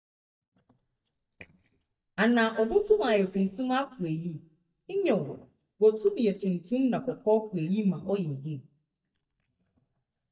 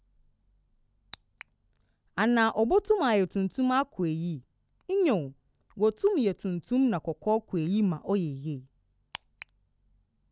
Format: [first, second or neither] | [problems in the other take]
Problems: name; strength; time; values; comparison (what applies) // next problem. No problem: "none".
second | noise reduction (neural mask model DeepFilterNet 3)